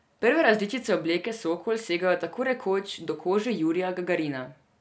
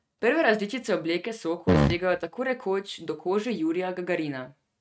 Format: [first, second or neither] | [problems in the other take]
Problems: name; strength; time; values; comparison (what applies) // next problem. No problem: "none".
first | noise reduction (neural mask model RNNoise)